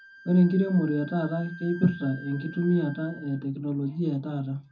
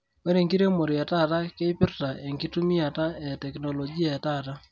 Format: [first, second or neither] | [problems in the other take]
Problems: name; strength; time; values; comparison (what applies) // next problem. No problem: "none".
second | background sound (Wind instrument, woodwind instrument); 20 dB below the speech // room echo; dies away in 0.3 s